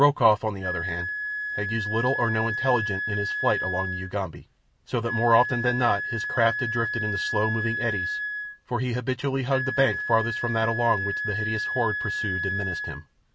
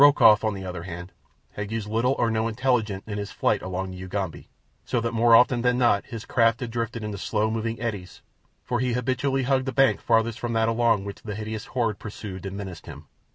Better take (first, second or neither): second